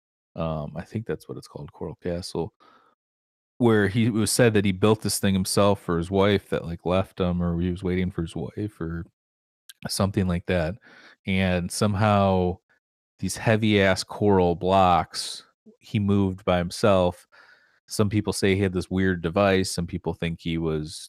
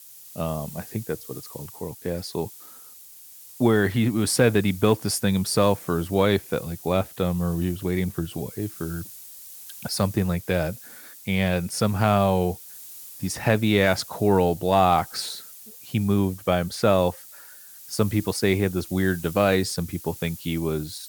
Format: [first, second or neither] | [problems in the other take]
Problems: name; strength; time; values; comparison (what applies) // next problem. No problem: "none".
first | hiss; noticeable; throughout; 15 dB below the speech